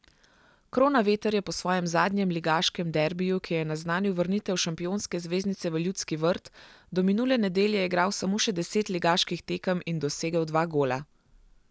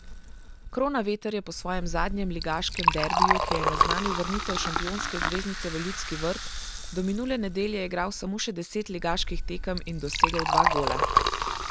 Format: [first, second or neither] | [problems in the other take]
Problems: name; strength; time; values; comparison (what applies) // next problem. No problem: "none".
first | background sound (Liquid); 2 dB above the speech